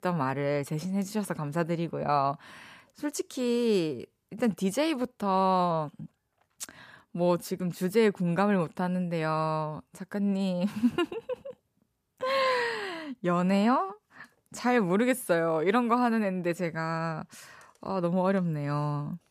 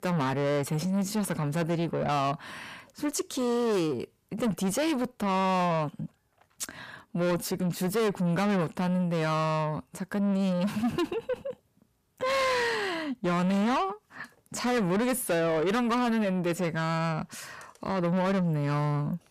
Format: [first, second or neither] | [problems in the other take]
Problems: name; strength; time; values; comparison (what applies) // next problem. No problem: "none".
first | distortion; heavy; 8 dB below the speech